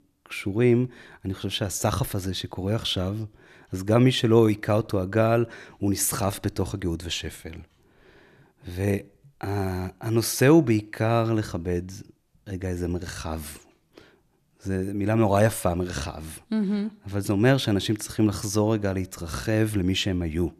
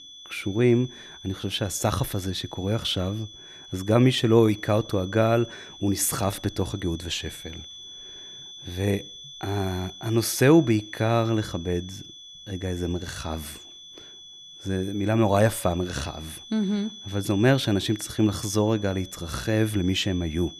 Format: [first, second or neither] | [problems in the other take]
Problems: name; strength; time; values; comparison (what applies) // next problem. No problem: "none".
first | high-pitched whine; noticeable; throughout; 3.5 kHz, 15 dB below the speech